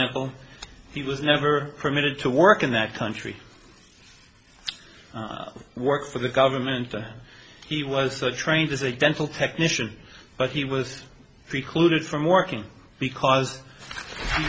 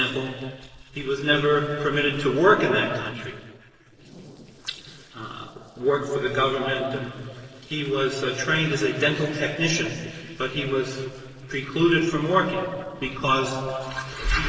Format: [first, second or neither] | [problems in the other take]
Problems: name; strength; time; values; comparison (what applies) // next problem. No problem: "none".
first | noise reduction (neural separator model SepFormer DNS4)